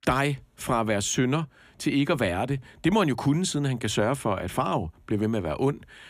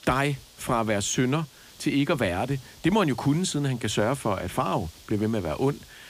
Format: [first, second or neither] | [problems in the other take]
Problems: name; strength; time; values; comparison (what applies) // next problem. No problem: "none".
first | hiss; faint; throughout; 20 dB below the speech